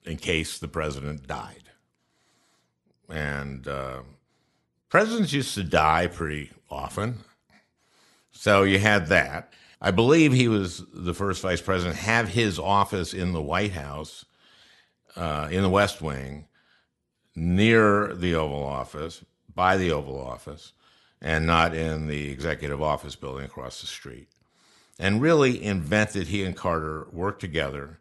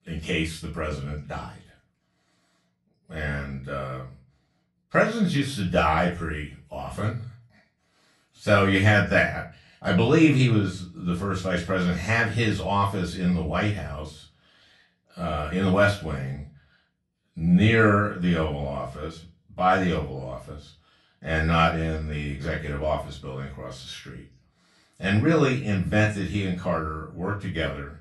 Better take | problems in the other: first | room echo; slight; dies away in 0.3 s // off-mic speech; far

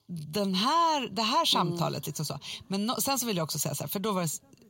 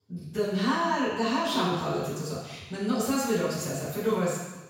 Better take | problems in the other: first | room echo; strong; dies away in 1.1 s; slight in the first // off-mic speech; far

